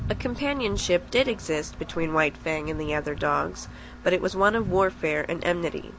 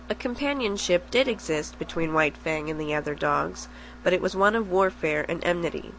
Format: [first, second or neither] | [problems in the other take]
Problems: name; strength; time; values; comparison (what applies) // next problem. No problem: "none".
second | background sound (Thunder); 13 dB below the speech